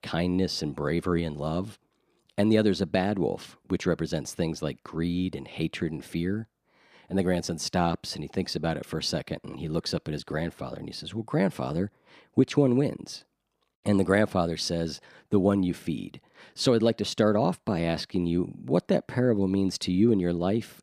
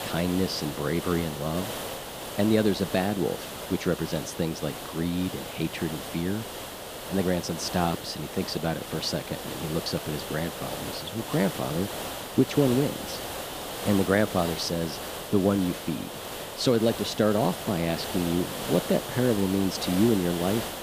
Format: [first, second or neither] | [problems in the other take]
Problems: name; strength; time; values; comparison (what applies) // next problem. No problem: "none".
first | hiss; loud; throughout; 7 dB below the speech